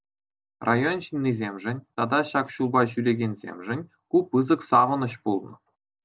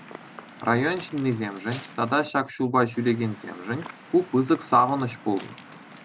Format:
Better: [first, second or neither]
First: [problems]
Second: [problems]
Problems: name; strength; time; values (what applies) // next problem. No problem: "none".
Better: first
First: none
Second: background sound (Waves, surf / Wind); 19 dB below the speech